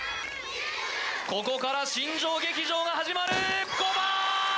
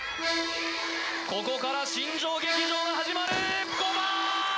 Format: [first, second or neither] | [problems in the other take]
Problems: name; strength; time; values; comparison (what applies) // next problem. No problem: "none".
first | background sound (Accordion); 4 dB below the speech